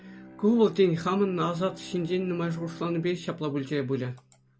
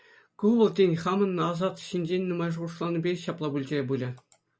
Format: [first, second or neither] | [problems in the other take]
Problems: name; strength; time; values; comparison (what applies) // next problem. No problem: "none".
second | background sound (Bowed string instrument); 19 dB below the speech